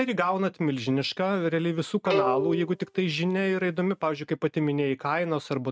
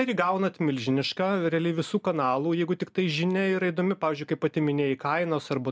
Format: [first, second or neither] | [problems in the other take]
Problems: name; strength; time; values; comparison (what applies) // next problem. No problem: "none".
second | noise reduction (neural mask model RNNoise)